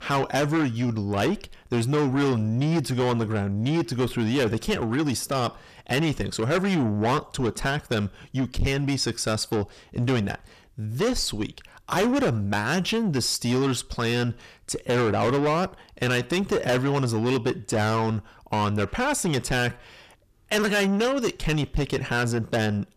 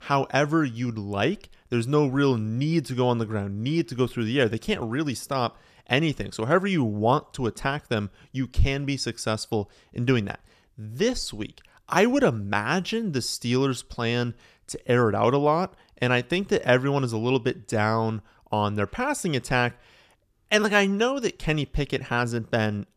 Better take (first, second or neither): second